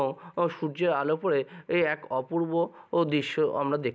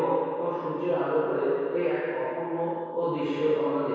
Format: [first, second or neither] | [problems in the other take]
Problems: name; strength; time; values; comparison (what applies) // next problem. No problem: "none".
first | room echo; dies away in 2.2 s